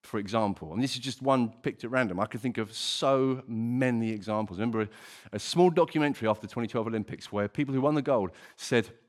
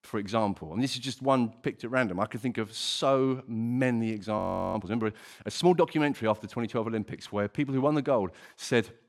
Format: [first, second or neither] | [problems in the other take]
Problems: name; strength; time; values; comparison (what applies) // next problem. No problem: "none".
first | audio freezing; at 4.5 s